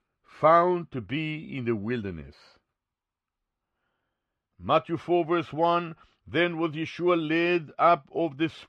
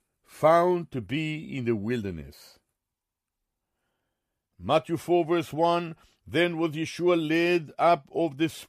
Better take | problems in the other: second | muffled; slightly; fading above 3 kHz

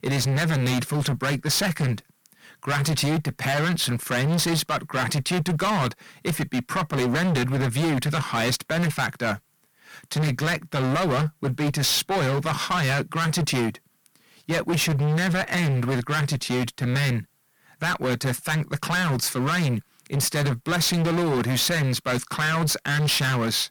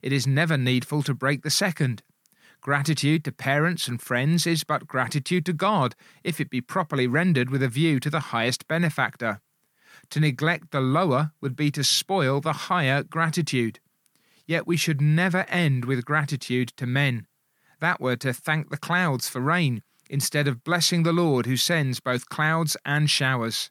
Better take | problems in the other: second | distortion; heavy; 28% of the sound clipped

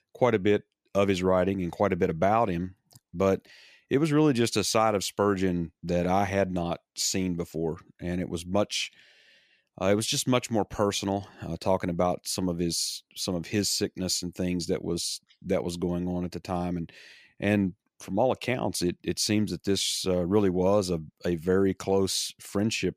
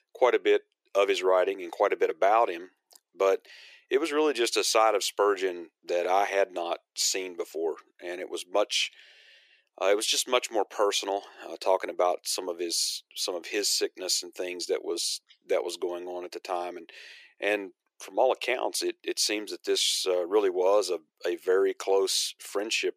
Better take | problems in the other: first | thin; very; fading below 350 Hz

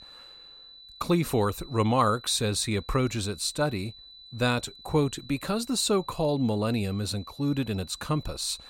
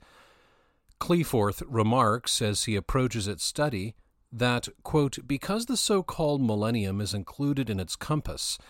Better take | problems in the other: second | high-pitched whine; noticeable; throughout; 4 kHz, 20 dB below the speech

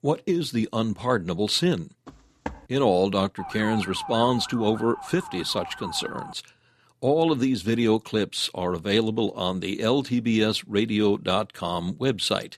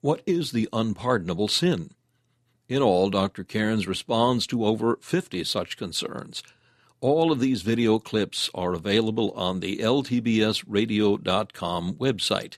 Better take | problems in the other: second | footsteps; faint; at 2 s; peak 15 dB below the speech // siren; noticeable; from 3.5 to 6.5 s; peak 9 dB below the speech

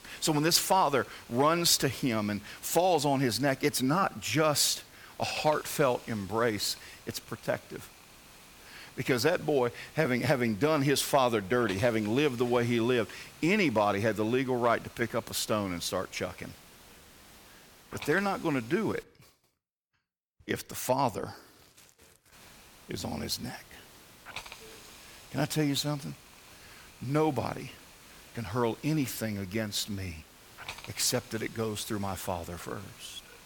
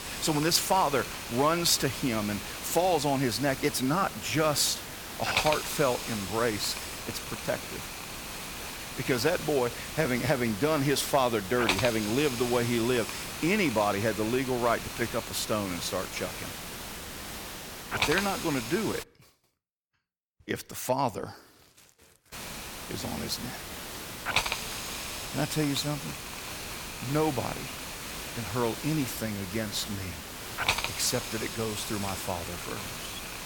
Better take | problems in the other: first | hiss; loud; until 19 s and from 22 s on; 6 dB below the speech; faint in the first

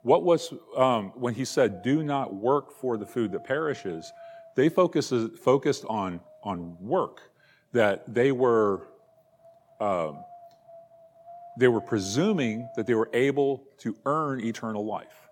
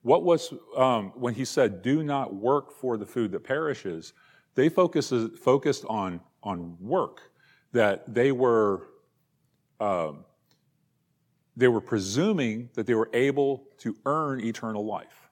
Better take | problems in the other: second | wind noise on the microphone; occasional gusts; 20 dB below the speech

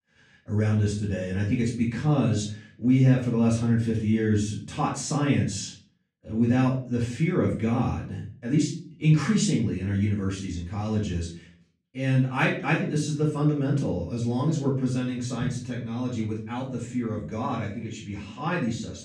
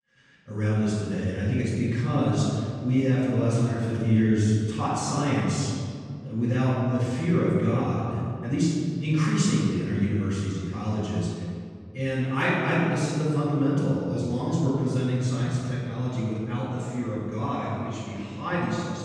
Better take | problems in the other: first | room echo; strong; dies away in 2 s; slight in the first // off-mic speech; far; far in the first

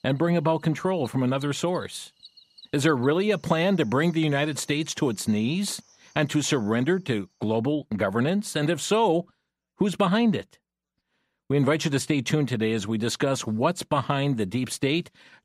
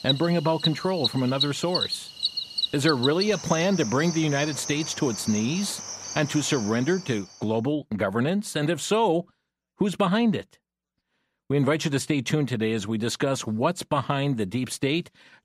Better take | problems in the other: first | animal sounds; loud; until 7 s; 5 dB below the speech; faint in the first

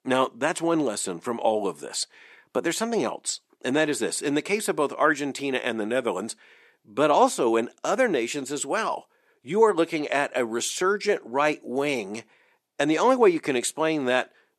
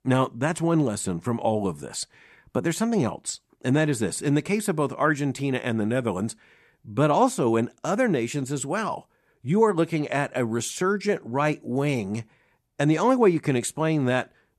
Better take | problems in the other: second | thin; somewhat; fading below 400 Hz

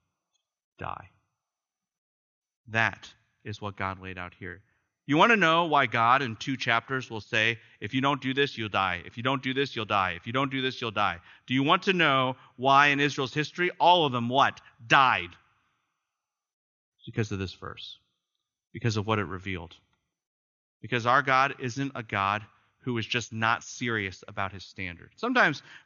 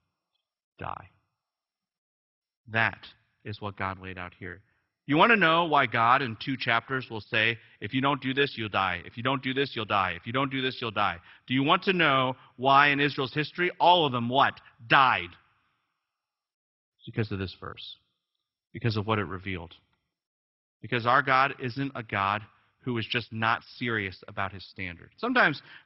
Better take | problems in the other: first | garbled, watery; badly; nothing above 5.5 kHz; slightly in the first

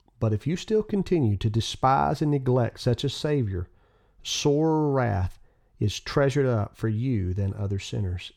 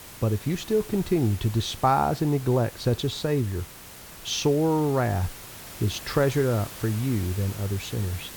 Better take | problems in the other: first | hiss; noticeable; throughout; 15 dB below the speech

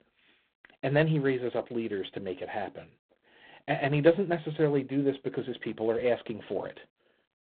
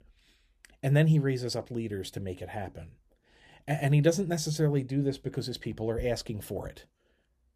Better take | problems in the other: second | phone-call audio; poor line; nothing above 4 kHz

